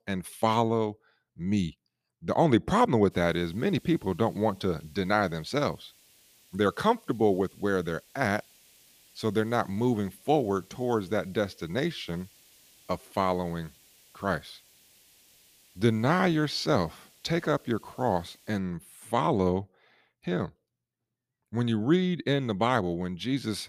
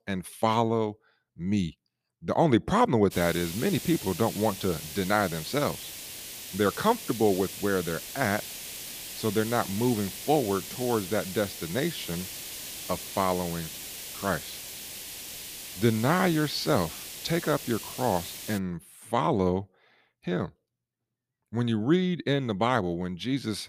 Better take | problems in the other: first | hiss; loud; from 3 to 19 s; 9 dB below the speech; faint in the first

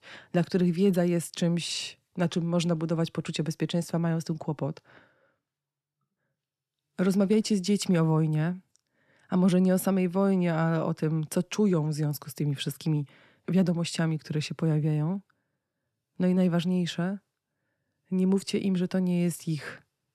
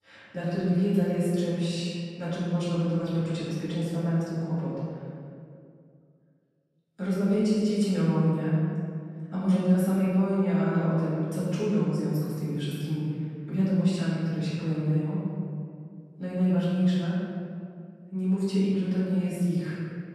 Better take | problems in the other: first | off-mic speech; far // room echo; strong; dies away in 2.2 s

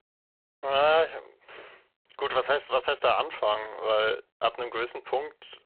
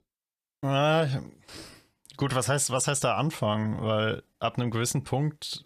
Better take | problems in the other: second | phone-call audio; poor line

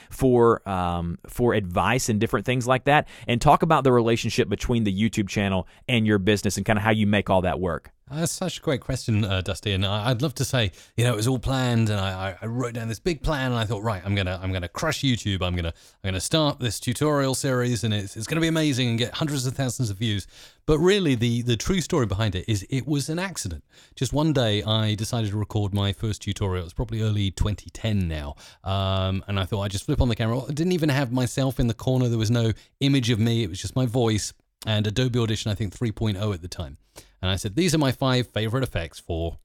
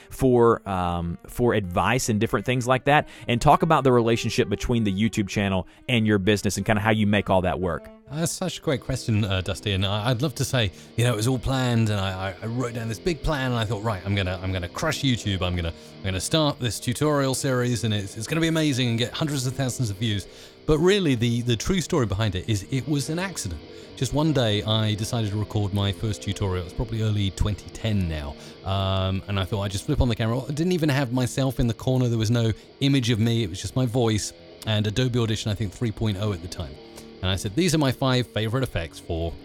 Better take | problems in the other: first | background music; faint; throughout; 20 dB below the speech

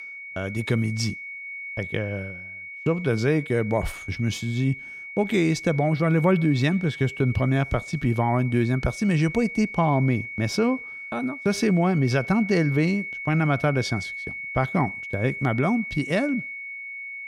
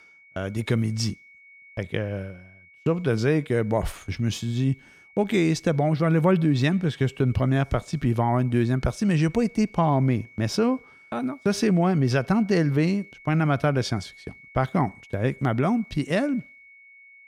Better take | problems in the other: second | high-pitched whine; loud; throughout; 2 kHz, 10 dB below the speech; faint in the second

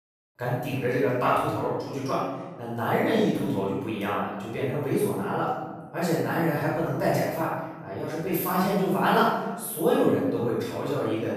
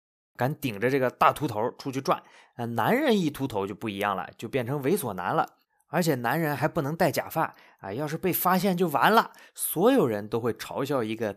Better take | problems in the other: second | room echo; strong; dies away in 1.2 s // off-mic speech; far

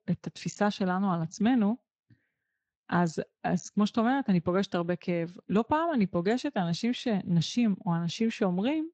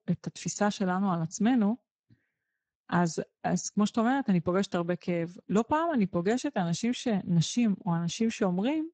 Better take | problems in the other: first | garbled, watery; badly; nothing above 7.5 kHz; slightly in the first

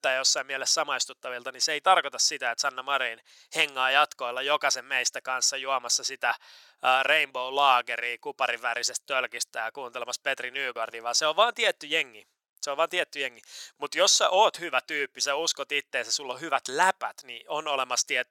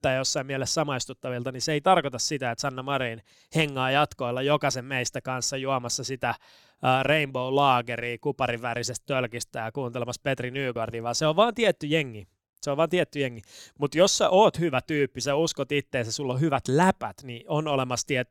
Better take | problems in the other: second | thin; very; fading below 800 Hz

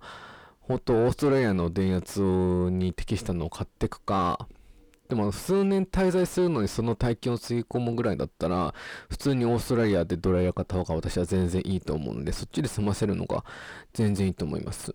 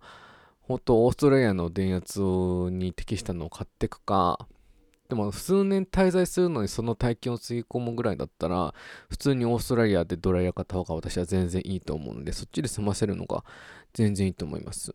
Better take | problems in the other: second | distortion; slight; 10 dB below the speech

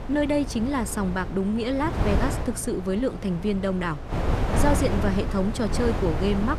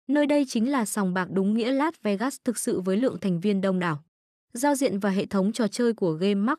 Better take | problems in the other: second | wind noise on the microphone; heavy; 5 dB below the speech

